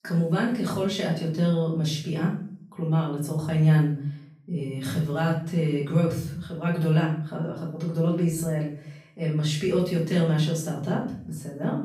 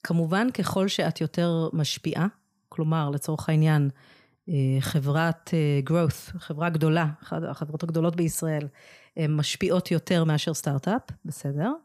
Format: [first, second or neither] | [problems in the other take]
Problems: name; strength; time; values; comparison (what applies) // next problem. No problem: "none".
second | room echo; noticeable; dies away in 0.5 s // off-mic speech; far